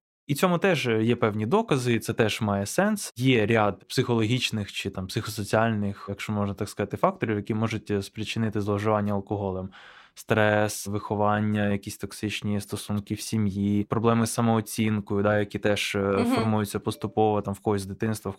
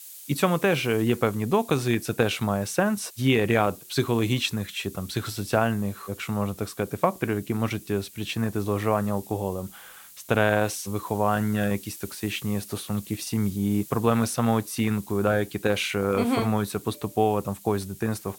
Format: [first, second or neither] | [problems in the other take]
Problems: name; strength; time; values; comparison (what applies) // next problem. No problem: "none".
first | hiss; noticeable; throughout; 20 dB below the speech